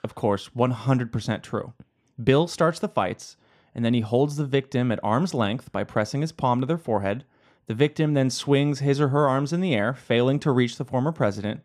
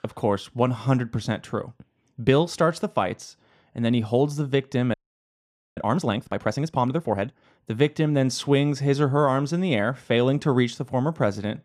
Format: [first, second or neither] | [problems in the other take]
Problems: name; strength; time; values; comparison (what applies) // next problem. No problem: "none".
first | audio freezing; at 5 s for 1 s